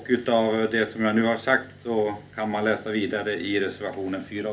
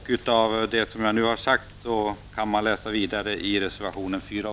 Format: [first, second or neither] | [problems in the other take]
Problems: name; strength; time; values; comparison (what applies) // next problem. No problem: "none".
second | room echo; dies away in 0.3 s